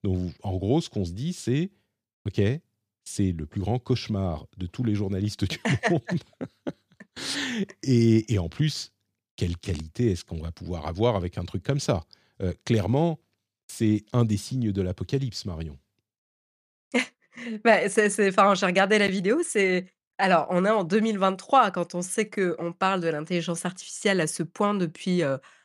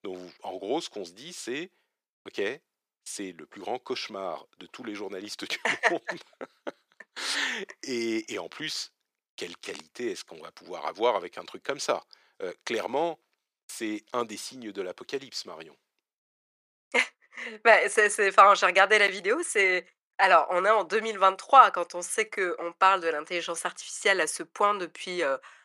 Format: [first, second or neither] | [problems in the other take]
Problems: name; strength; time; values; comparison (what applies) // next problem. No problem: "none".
first | thin; very; fading below 400 Hz